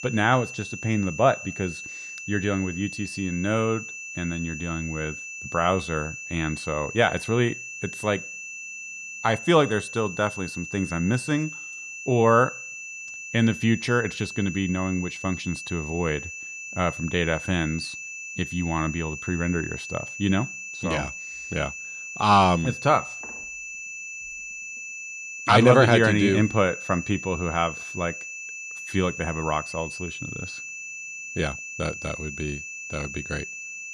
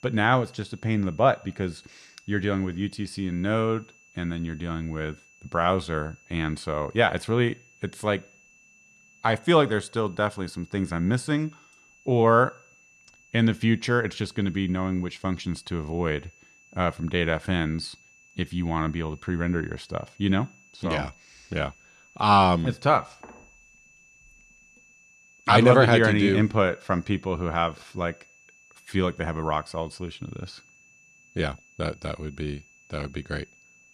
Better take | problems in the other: second | high-pitched whine; loud; throughout; 2.5 kHz, 9 dB below the speech; faint in the second

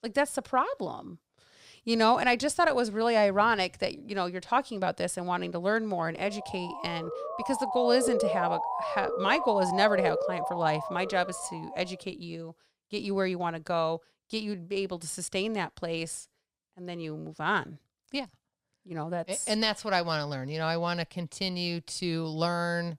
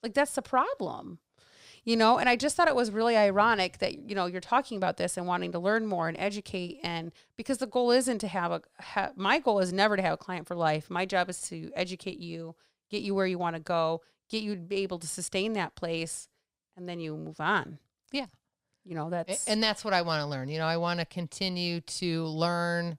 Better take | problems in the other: second | siren; loud; from 6 to 12 s; peak 2 dB above the speech

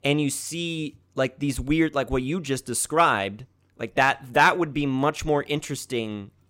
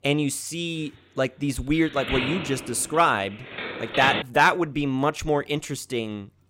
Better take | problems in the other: first | phone ringing; noticeable; from 1.5 to 4 s; peak level with the speech

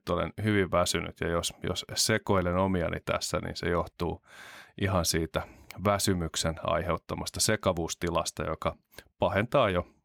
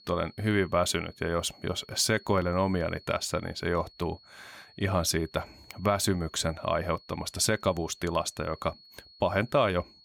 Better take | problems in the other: first | high-pitched whine; faint; throughout; 4.5 kHz, 25 dB below the speech

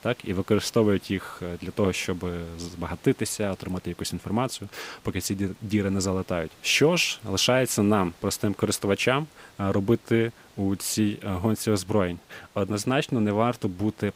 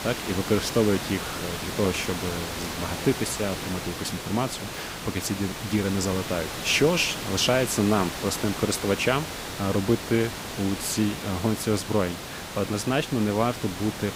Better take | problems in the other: first | hiss; loud; throughout; 6 dB below the speech; faint in the first

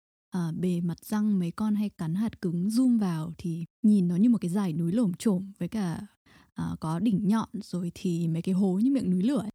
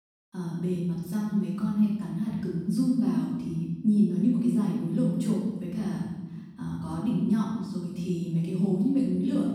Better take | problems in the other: first | off-mic speech; far // room echo; noticeable; dies away in 1.2 s

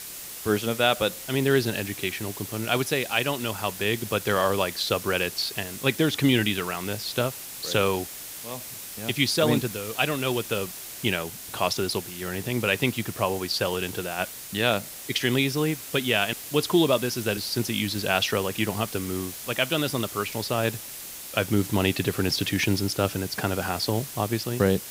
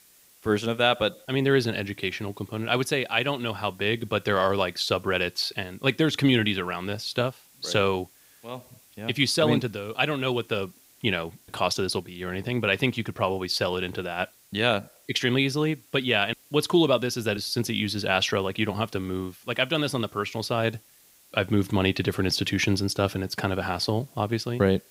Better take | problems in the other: second | hiss; loud; throughout; 10 dB below the speech; faint in the second

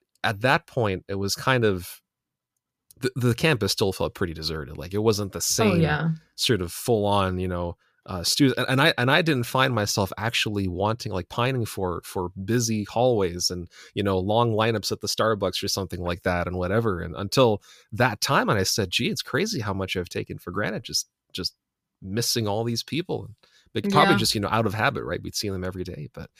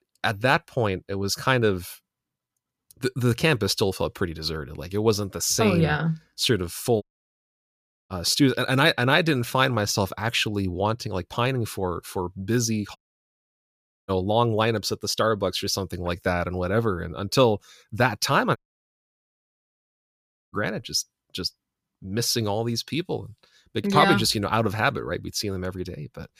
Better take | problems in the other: first | audio cutting out; at 7 s for 1 s, at 13 s for 1 s and at 19 s for 2 s

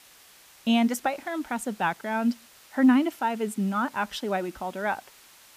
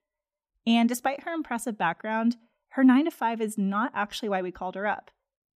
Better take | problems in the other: second | hiss; faint; throughout; 25 dB below the speech

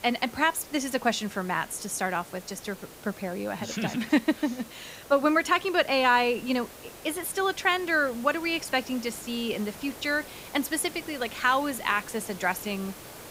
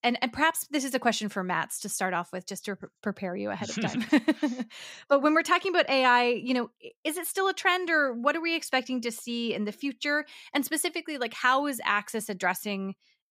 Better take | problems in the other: second | hiss; noticeable; throughout; 15 dB below the speech

